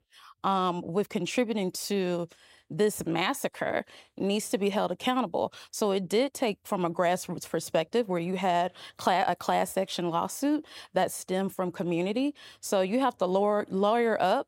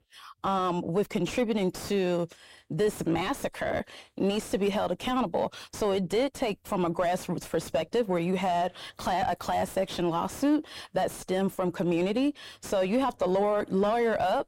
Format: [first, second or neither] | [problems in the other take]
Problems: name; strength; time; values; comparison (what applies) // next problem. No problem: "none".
first | distortion; heavy; 7 dB below the speech